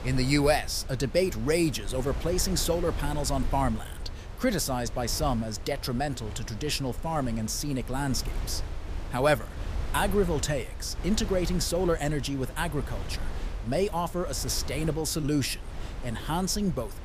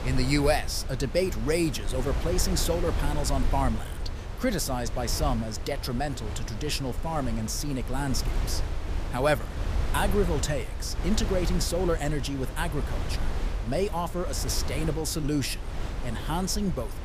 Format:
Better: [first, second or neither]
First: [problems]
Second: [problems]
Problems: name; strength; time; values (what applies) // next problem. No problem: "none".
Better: first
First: wind noise on the microphone; occasional gusts; 15 dB below the speech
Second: wind noise on the microphone; heavy; 10 dB below the speech